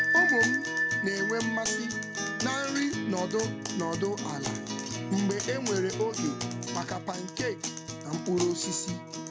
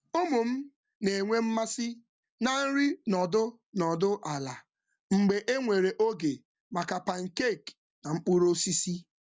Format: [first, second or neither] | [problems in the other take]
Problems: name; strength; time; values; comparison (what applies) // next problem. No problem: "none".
second | background sound (Bell + Acoustic guitar); as loud as the speech